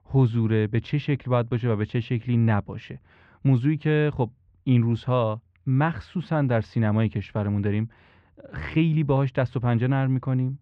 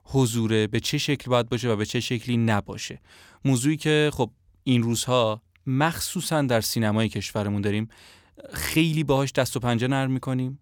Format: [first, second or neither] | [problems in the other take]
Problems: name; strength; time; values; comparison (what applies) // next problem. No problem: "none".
second | muffled; very; fading above 2.5 kHz